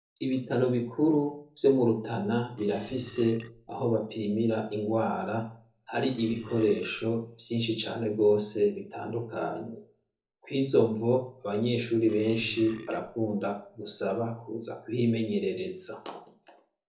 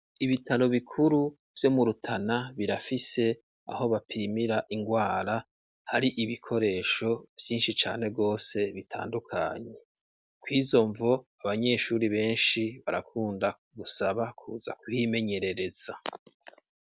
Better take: second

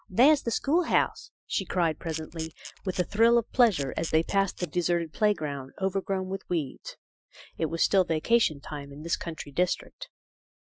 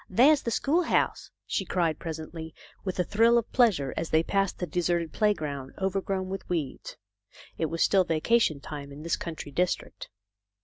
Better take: second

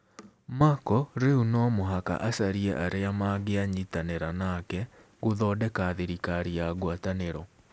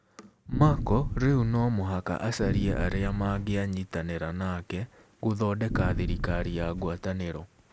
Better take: first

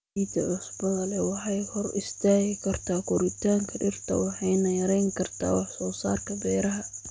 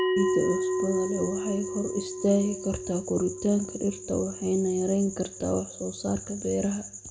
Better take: first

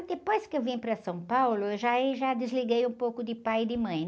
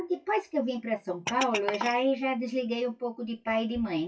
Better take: first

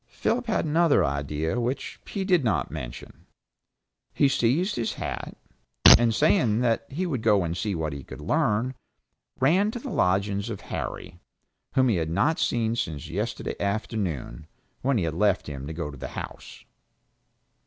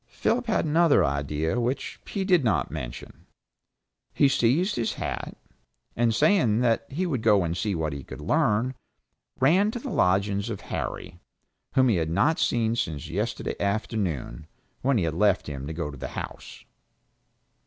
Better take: second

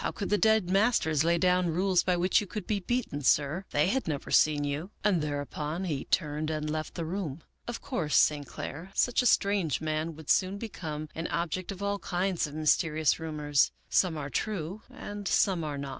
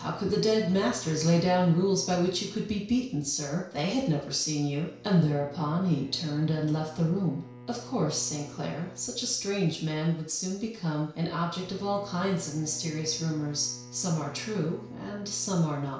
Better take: first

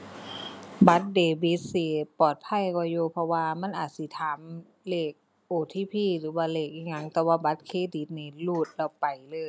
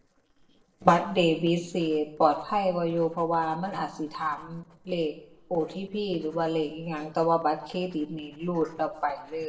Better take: first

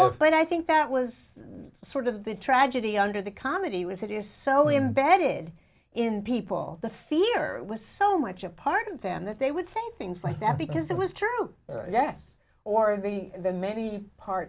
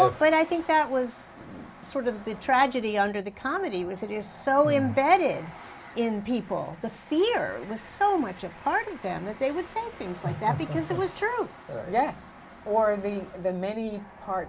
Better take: first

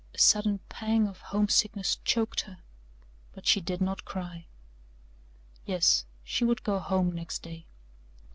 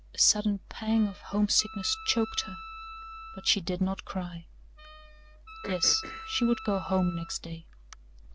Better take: first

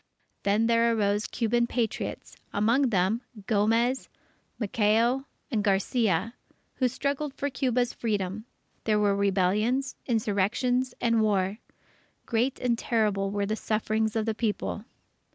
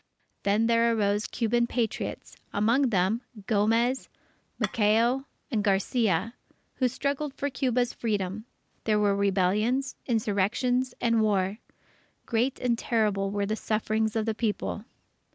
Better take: first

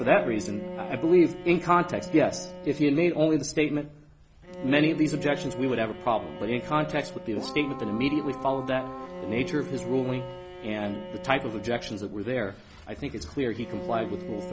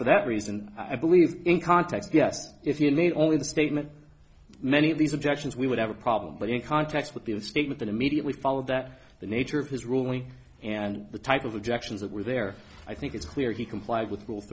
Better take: second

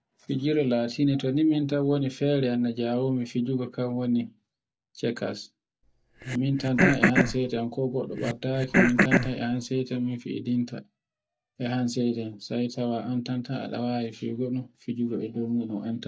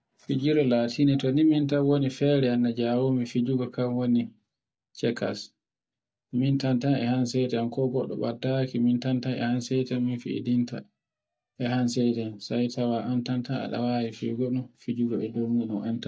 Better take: second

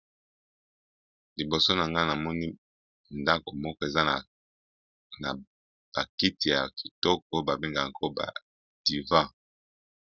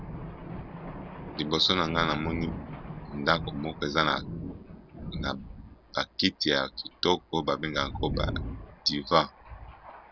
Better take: first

